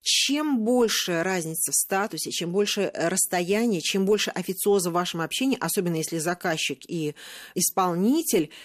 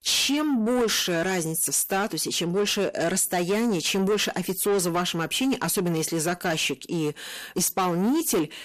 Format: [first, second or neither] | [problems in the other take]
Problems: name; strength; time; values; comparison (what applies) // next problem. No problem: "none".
first | distortion; slight; 10 dB below the speech